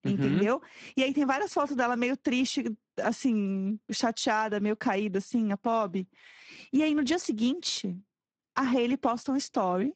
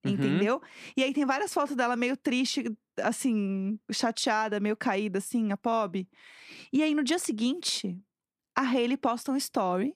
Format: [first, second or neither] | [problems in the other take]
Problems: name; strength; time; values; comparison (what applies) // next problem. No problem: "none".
second | garbled, watery; badly; nothing above 7.5 kHz